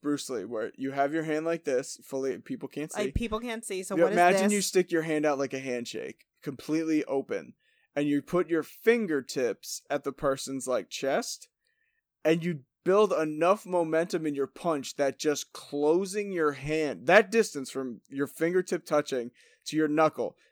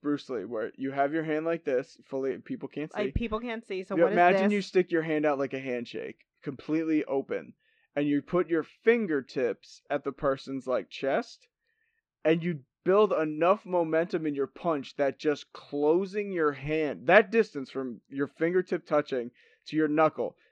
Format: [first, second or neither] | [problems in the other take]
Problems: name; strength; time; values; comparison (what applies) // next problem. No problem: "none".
first | muffled; slightly; fading above 3.5 kHz